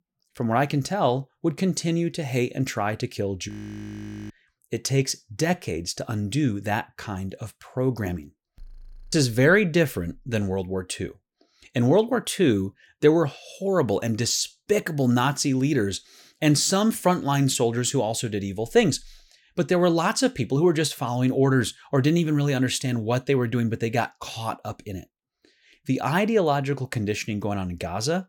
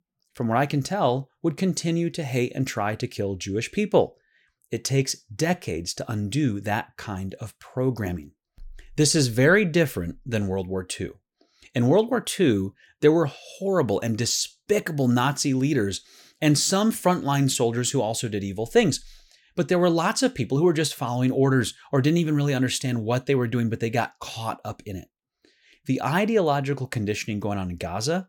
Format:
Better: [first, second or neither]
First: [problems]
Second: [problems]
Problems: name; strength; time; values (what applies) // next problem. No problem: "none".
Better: second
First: audio freezing; at 3.5 s for 1 s and at 8.5 s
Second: none